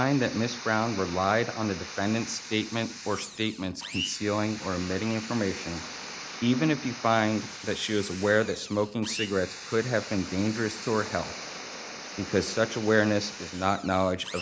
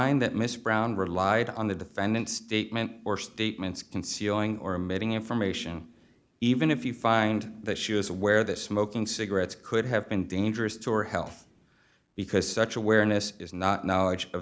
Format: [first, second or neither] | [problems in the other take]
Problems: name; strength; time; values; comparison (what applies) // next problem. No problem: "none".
second | noise reduction (neural mask model Resemble Enhance denoiser)